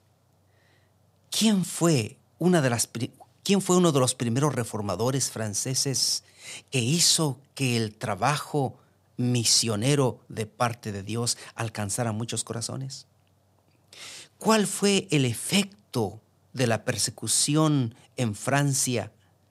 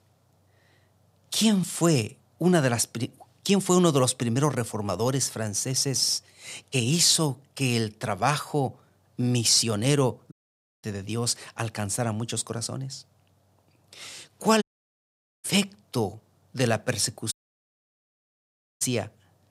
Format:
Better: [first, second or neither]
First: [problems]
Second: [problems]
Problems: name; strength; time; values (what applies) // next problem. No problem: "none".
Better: first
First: none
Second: audio cutting out; at 10 s for 0.5 s, at 15 s for 1 s and at 17 s for 1.5 s